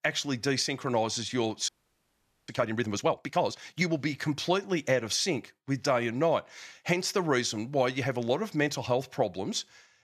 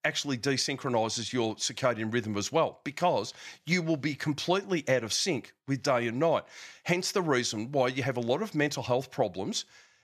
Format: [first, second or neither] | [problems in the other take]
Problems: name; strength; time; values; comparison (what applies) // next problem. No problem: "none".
second | audio freezing; at 1.5 s for 1 s